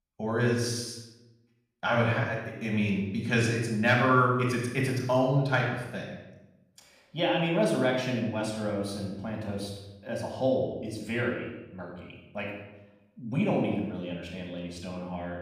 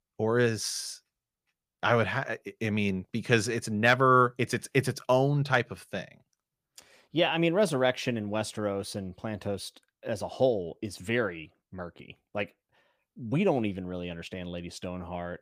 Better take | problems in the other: second | off-mic speech; far // room echo; noticeable; dies away in 0.8 s

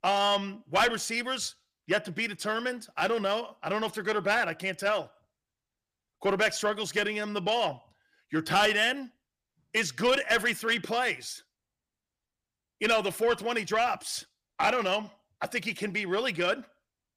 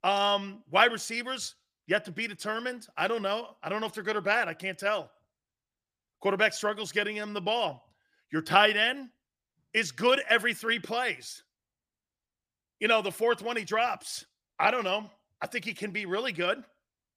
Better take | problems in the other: second | distortion; slight; 10 dB below the speech

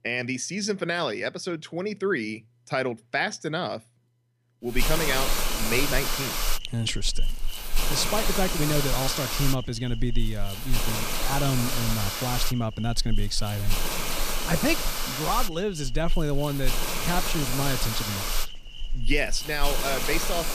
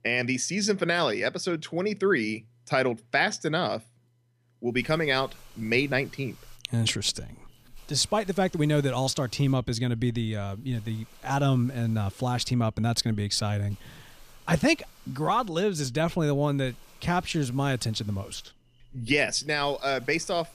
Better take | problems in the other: second | hiss; loud; from 4.5 s on; as loud as the speech; faint in the second

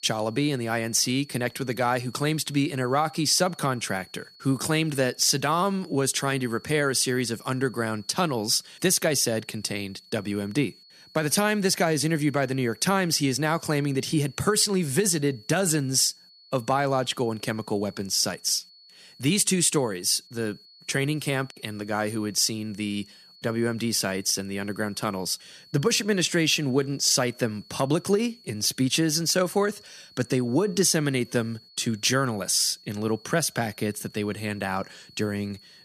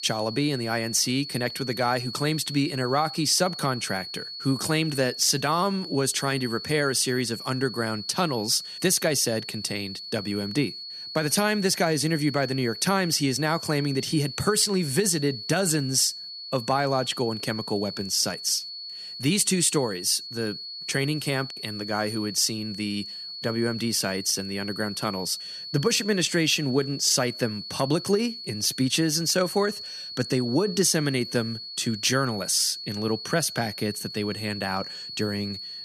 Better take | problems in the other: first | high-pitched whine; loud; throughout; 4.5 kHz, 9 dB below the speech; faint in the first

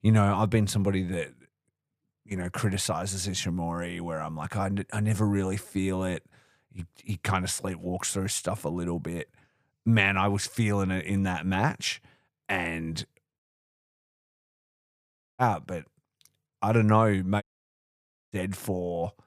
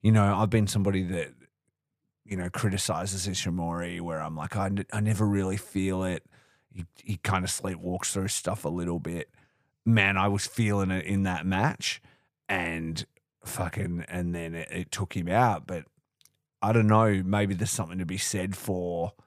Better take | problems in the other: second | audio cutting out; at 13 s for 2 s and at 17 s for 1 s

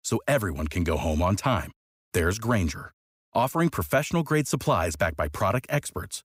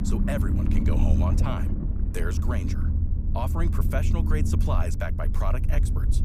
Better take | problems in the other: first | low rumble; loud; throughout; 4 dB below the speech

